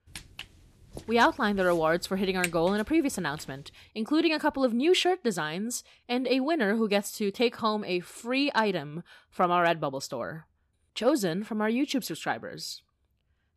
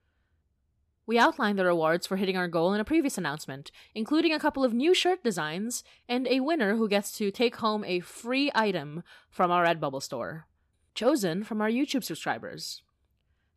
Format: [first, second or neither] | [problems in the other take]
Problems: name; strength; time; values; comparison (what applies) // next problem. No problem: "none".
second | footsteps; noticeable; until 2.5 s; peak 7 dB below the speech